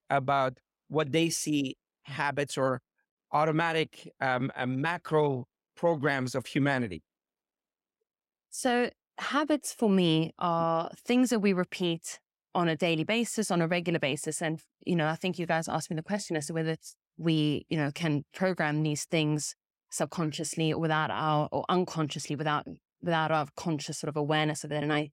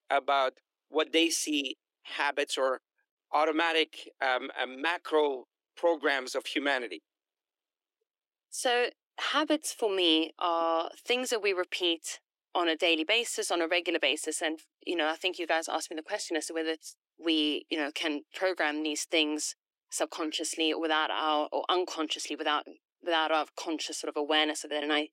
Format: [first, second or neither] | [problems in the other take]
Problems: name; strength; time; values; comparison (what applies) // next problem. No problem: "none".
first | thin; somewhat; fading below 300 Hz